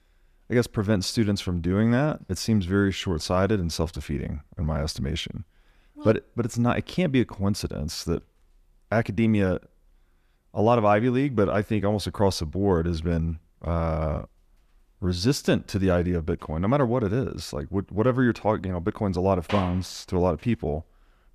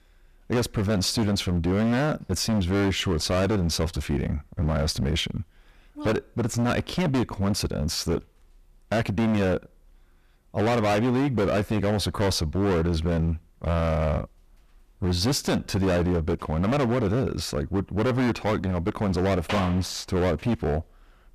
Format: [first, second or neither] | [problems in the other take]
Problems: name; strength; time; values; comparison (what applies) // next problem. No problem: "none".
first | distortion; heavy; 20% of the sound clipped